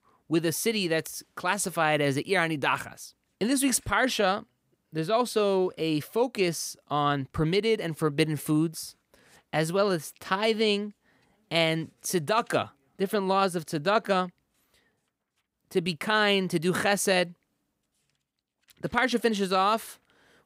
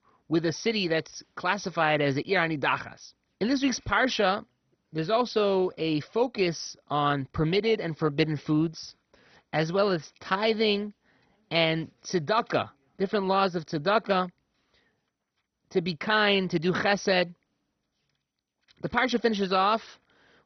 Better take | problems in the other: first | garbled, watery; badly; nothing above 6 kHz

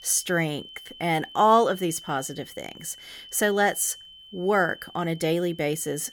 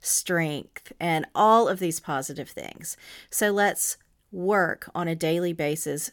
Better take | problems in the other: second | high-pitched whine; noticeable; throughout; 3 kHz, 20 dB below the speech

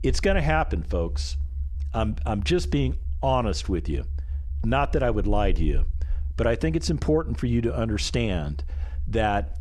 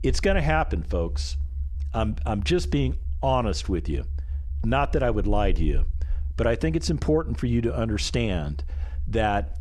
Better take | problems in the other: neither | low rumble; faint; throughout; 25 dB below the speech; the same in both

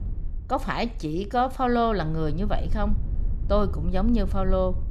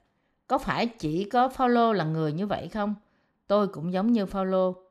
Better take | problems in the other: second | low rumble; faint; throughout; 20 dB below the speech

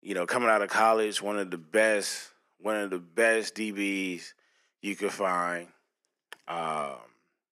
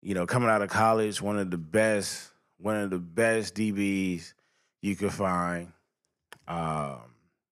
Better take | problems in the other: second | thin; somewhat; fading below 300 Hz

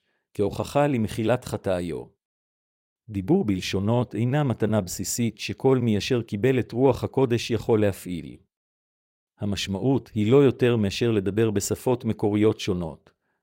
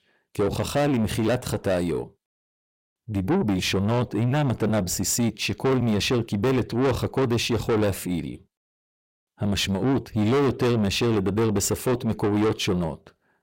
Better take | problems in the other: first | distortion; heavy; 7 dB below the speech

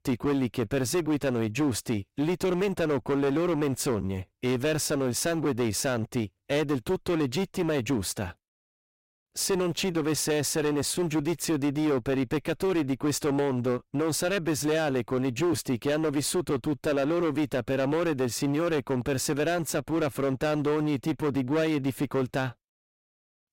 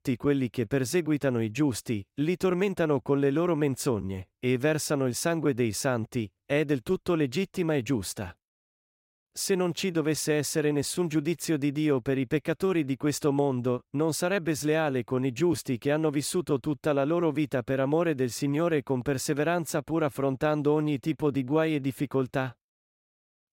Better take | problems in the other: second | distortion; heavy; 16% of the sound clipped

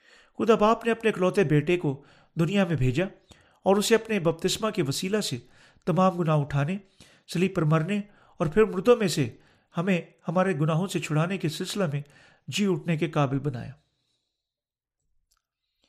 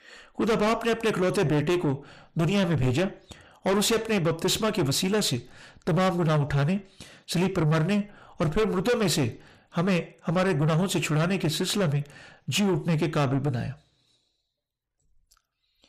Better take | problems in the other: first | distortion; heavy; 6 dB below the speech

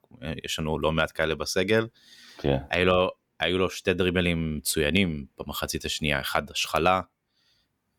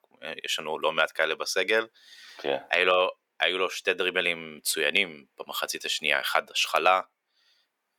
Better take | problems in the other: first | thin; very; fading below 550 Hz

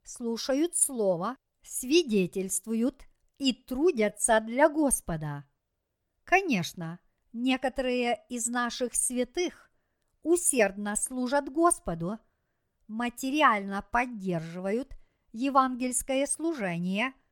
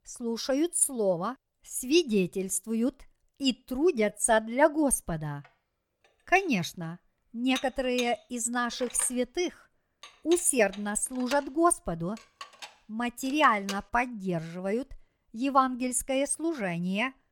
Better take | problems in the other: first | clattering dishes; faint; from 6.5 to 14 s; peak 10 dB below the speech

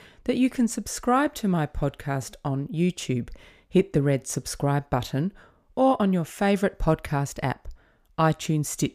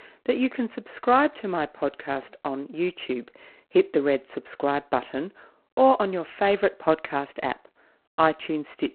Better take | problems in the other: first | phone-call audio; poor line; nothing above 4 kHz

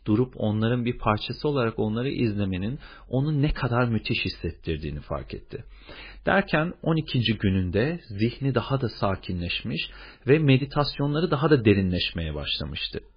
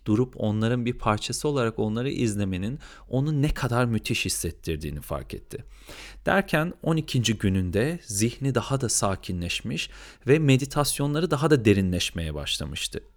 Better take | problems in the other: second | garbled, watery; badly; nothing above 4.5 kHz

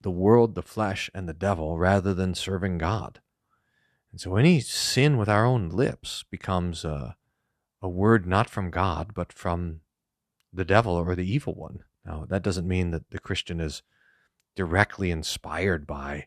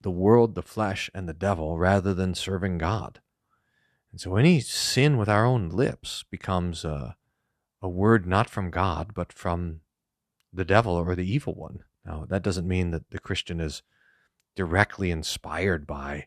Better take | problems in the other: neither | none

